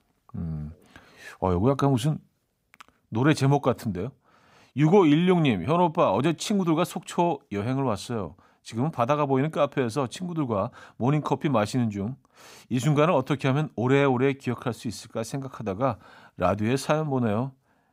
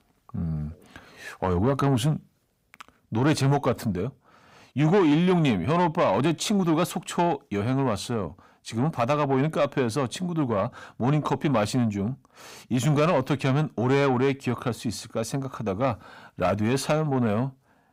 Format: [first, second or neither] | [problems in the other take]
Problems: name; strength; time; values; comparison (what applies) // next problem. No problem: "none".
first | distortion; slight; 10 dB below the speech